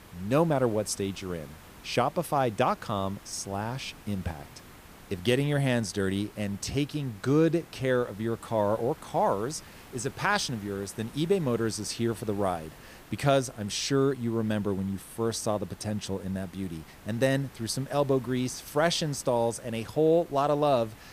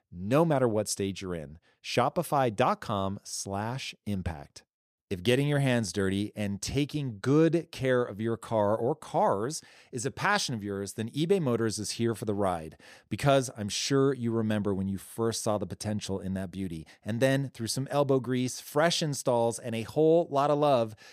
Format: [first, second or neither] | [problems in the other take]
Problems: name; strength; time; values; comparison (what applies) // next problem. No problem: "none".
second | hiss; faint; throughout; 20 dB below the speech